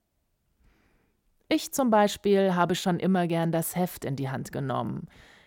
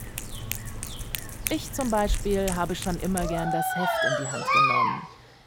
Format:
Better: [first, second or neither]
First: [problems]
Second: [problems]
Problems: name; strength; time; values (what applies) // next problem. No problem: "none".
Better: first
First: none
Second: animal sounds; very loud; throughout; 2 dB above the speech